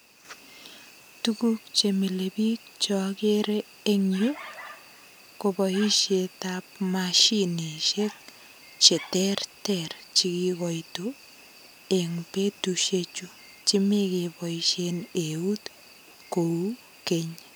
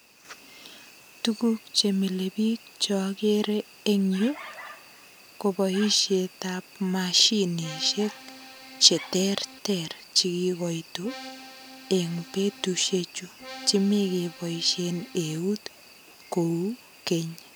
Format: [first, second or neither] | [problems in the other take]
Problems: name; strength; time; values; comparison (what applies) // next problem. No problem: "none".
first | background sound (Accordion); 18 dB below the speech